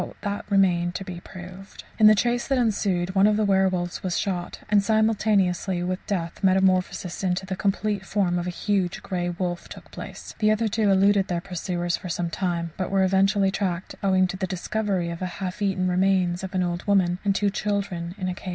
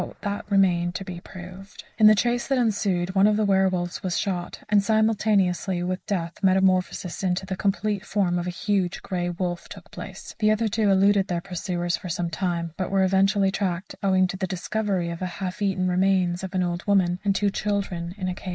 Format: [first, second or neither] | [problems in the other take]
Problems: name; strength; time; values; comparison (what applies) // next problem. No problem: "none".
first | noise reduction (neural mask model Resemble Enhance denoiser)